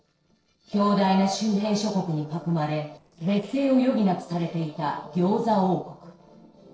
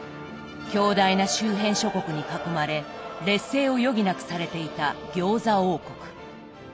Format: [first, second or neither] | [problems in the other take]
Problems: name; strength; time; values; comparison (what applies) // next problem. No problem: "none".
second | noise reduction (neural separator model SepFormer DNS4)